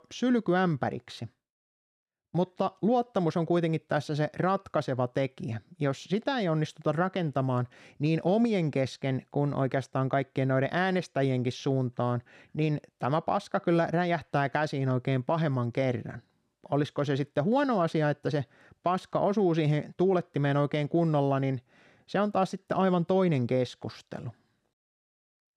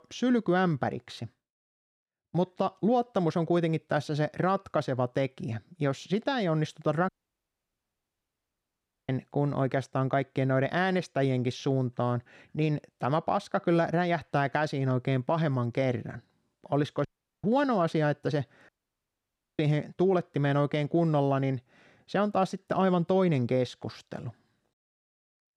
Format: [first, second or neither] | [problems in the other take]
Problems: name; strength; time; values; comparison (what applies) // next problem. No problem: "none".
first | audio cutting out; at 7 s for 2 s, at 17 s and at 19 s for 1 s